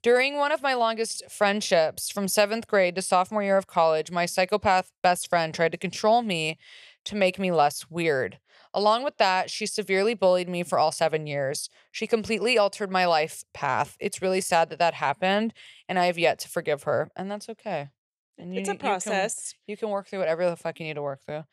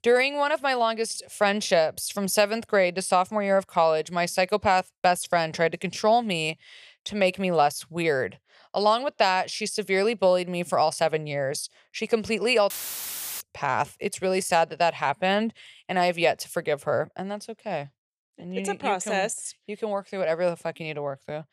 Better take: first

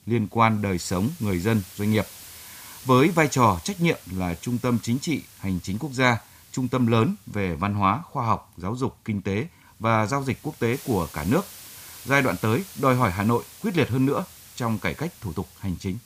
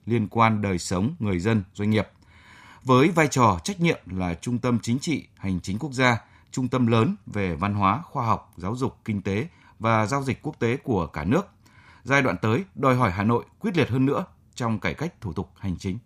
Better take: second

